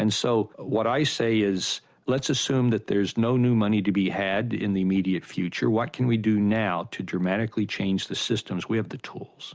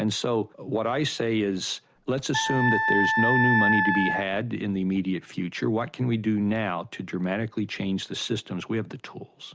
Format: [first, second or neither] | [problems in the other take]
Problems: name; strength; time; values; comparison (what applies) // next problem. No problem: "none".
first | background sound (Wind instrument, woodwind instrument); 3 dB above the speech